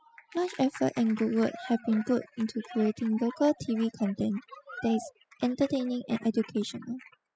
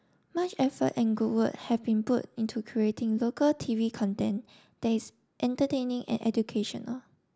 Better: second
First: noise reduction (classical method spectral subtraction)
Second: none

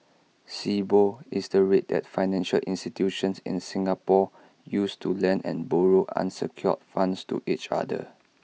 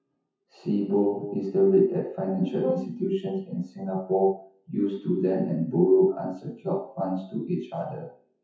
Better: first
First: none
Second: noise reduction (classical method WPE with log-MMSE)

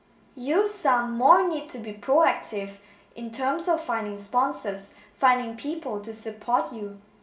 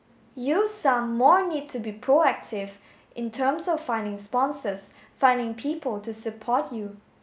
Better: second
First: room echo; dies away in 0.5 s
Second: none

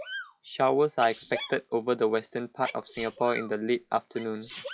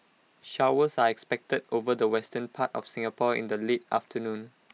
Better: second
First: noise reduction (classical method log-MMSE)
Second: none

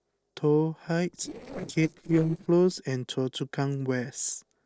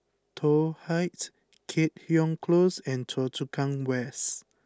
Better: second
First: noise reduction (neural separator model SepFormer DNS4)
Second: none

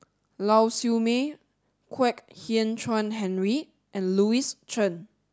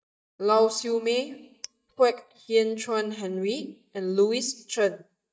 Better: first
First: none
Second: noise reduction (neural mask model DeepFilterNet 3)

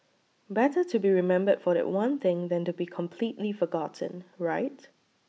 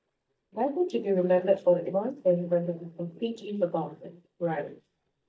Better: first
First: none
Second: noise reduction (neural mask model DeepFilterNet 3)

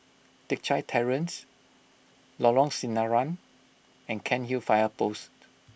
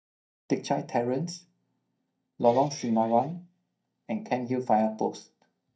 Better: first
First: none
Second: noise reduction (neural mask model DeepFilterNet 3)

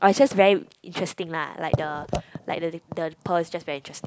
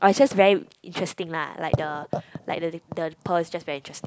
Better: second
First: background sound (Scissors); 17 dB below the speech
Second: none

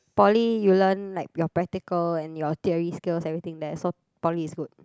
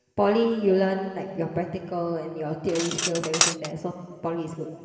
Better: first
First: none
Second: background sound (Cutlery, silverware); 5 dB below the speech // room echo; dies away in 2.5 s

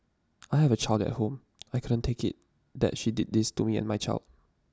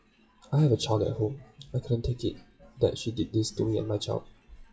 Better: first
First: none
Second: noise reduction (classical method WPE with log-MMSE)

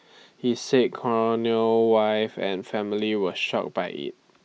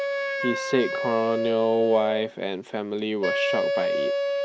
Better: first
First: none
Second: background sound (Wind instrument, woodwind instrument); as loud as the speech

